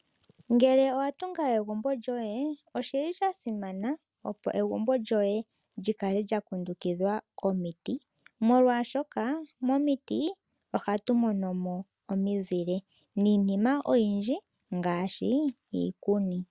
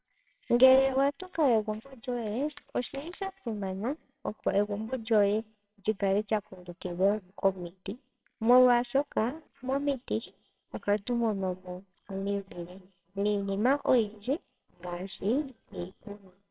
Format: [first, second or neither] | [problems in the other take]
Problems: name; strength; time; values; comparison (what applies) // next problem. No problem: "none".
first | noise reduction (neural separator model SepFormer WHAMR!)